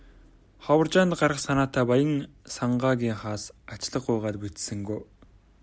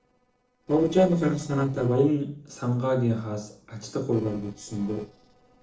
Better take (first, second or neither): first